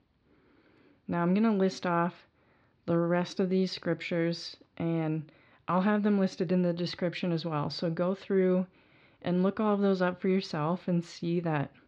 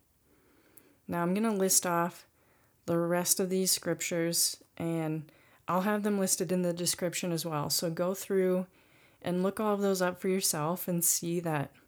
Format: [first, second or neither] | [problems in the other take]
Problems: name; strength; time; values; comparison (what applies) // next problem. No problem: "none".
second | muffled; slightly; fading above 4 kHz